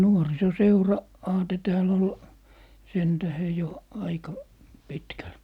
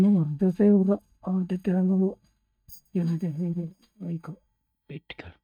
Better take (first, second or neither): first